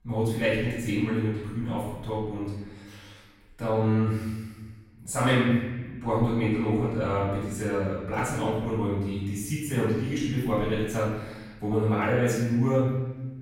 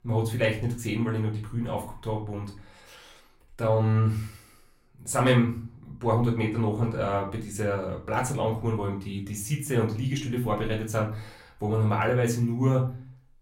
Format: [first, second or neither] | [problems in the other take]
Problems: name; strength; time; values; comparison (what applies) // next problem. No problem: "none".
second | room echo; strong; dies away in 1.2 s; slight in the second // off-mic speech; far; far in the second